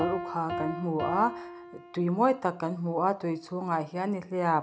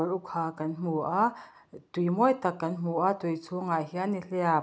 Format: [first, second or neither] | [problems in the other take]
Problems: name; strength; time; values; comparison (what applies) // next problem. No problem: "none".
second | background sound (Piano); 10 dB below the speech